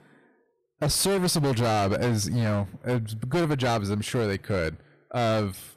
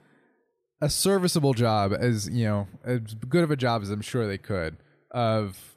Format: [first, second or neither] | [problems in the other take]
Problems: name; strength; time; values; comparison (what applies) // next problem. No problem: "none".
second | distortion; heavy; 18% of the sound clipped